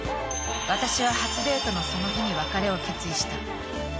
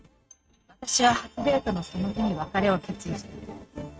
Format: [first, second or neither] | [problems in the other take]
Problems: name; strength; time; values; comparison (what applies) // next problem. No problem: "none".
first | noise reduction (neural mask model RNNoise)